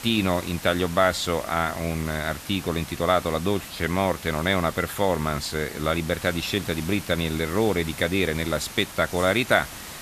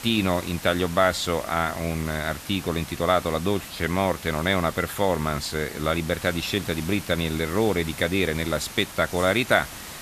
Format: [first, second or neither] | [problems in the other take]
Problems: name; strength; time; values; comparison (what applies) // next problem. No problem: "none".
neither | hiss; noticeable; throughout; 15 dB below the speech; the same in both